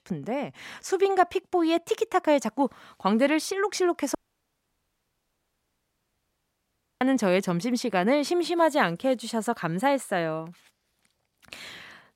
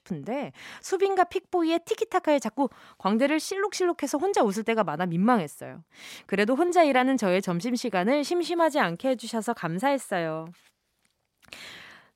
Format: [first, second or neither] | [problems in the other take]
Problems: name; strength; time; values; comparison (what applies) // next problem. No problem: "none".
second | audio cutting out; at 4 s for 3 s